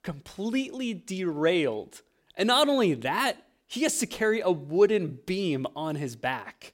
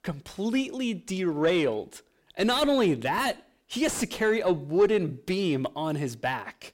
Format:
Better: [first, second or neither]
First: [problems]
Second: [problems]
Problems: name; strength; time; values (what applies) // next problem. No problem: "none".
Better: first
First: none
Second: distortion; slight; 10 dB below the speech